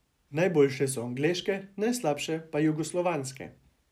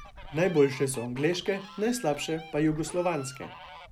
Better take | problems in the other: first | background sound (Fowl); 17 dB below the speech

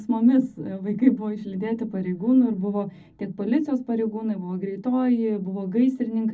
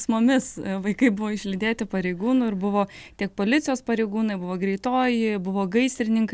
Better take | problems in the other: second | room echo; dies away in 0.4 s

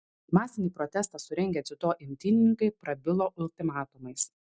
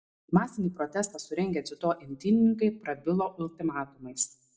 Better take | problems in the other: first | room echo; dies away in 0.3 s

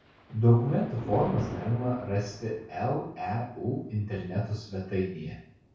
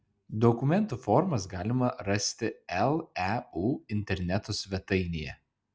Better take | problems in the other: second | background sound (Thunder); 14 dB below the speech // room echo; dies away in 0.6 s

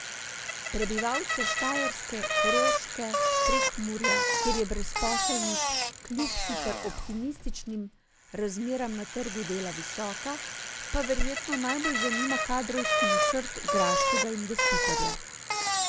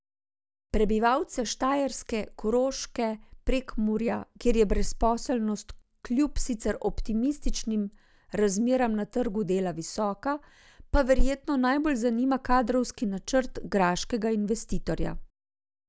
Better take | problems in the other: second | background sound (Bicycle); 3 dB above the speech

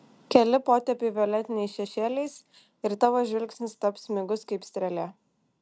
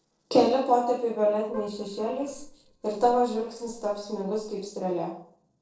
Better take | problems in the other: first | noise reduction (neural separator model SepFormer DNS4)

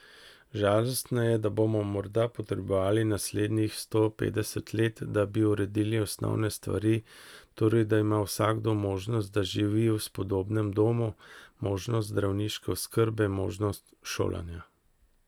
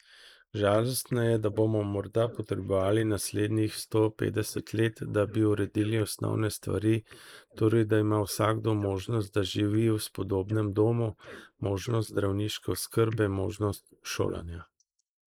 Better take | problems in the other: first | noise reduction (neural mask model Resemble Enhance denoiser)

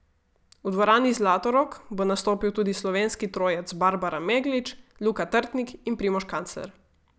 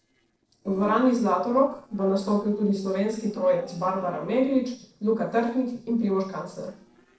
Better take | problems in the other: first | noise reduction (neural separator model SepFormer DNS4)

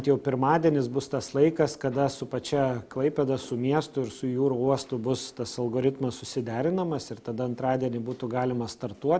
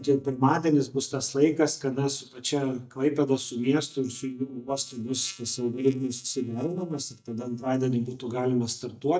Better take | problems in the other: first | noise reduction (neural mask model DeepFilterNet 3)

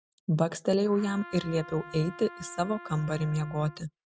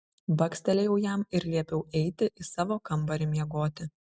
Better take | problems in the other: second | background sound (Trumpet); 17 dB below the speech

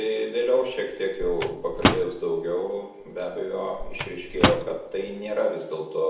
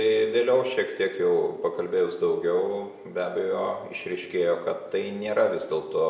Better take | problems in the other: second | background sound (Microwave oven); 3 dB below the speech // room echo; dies away in 0.4 s

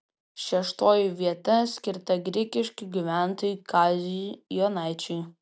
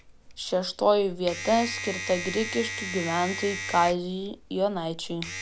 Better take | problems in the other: first | background sound (Domestic sounds, home sounds); 9 dB below the speech

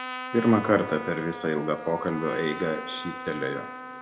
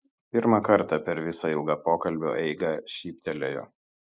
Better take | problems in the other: second | background sound (Trumpet); 10 dB below the speech // room echo; dies away in 1.3 s

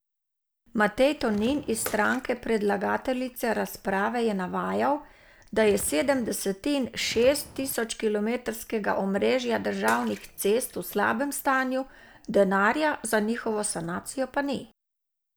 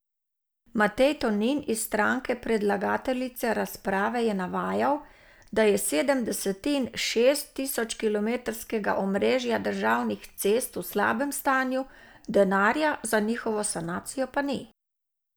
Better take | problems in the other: second | background sound (Walk, footsteps + Bathtub (filling or washing) / Water / Splash, splatter); 19 dB below the speech

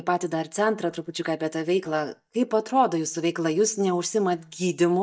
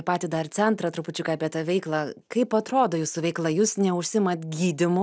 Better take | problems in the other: second | noise reduction (neural mask model DeepFilterNet 3)

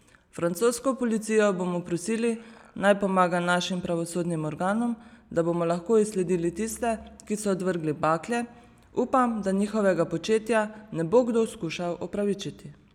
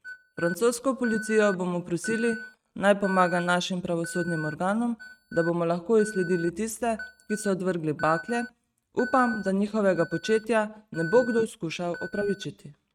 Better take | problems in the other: first | noise reduction (neural mask model RNNoise)

